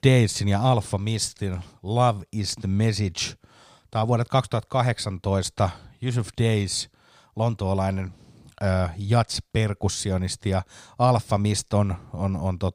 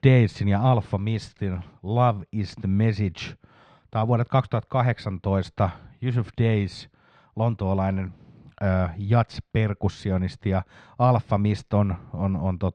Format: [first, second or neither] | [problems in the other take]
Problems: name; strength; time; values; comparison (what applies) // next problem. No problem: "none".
first | muffled; slightly; fading above 2.5 kHz